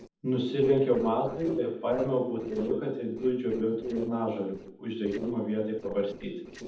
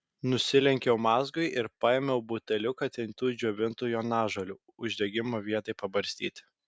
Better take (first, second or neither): second